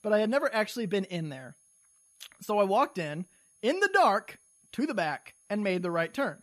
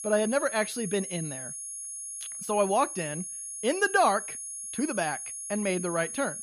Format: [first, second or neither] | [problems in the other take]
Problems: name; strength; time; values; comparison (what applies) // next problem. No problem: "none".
first | high-pitched whine; loud; throughout; 10.5 kHz, 7 dB below the speech; faint in the first